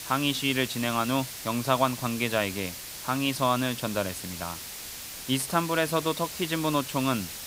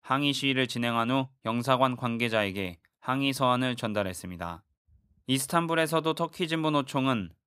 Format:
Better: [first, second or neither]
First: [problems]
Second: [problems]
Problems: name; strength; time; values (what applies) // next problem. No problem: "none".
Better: second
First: hiss; loud; throughout; 9 dB below the speech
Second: none